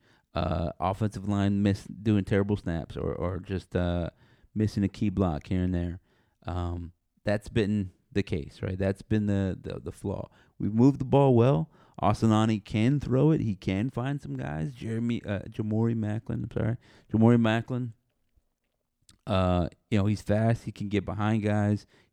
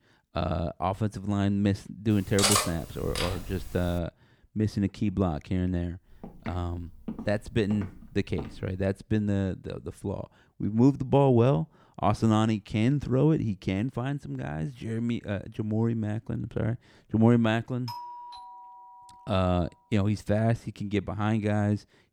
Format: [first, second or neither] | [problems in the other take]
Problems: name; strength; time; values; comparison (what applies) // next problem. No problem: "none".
first | clattering dishes; loud; from 2.5 to 4 s; peak 5 dB above the speech // footsteps; faint; from 6 to 9 s; peak 10 dB below the speech // doorbell; faint; from 18 to 19 s; peak 10 dB below the speech